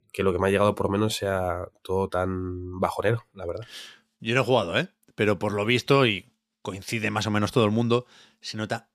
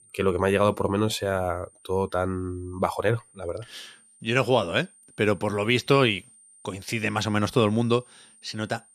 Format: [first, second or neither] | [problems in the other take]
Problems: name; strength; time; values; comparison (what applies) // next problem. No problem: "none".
first | high-pitched whine; faint; throughout; 9 kHz, 30 dB below the speech